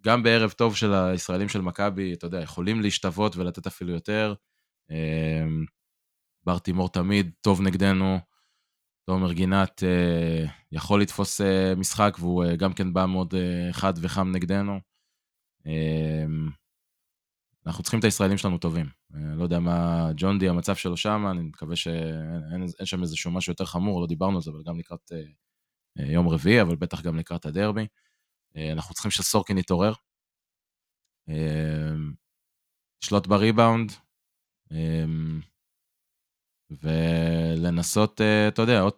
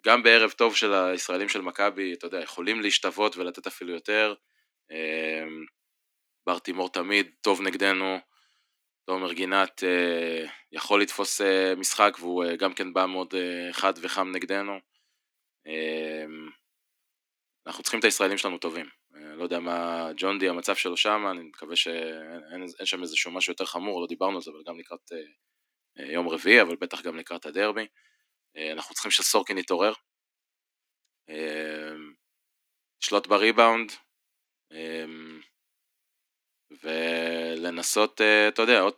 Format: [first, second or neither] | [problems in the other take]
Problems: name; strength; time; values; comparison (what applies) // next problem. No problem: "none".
first | thin; somewhat; fading below 250 Hz